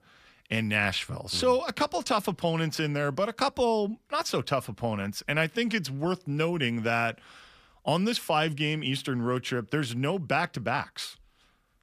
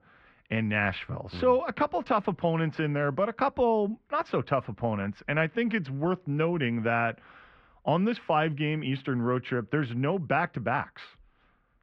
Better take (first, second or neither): first